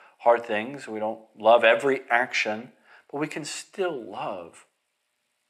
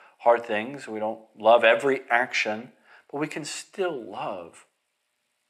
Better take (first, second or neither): neither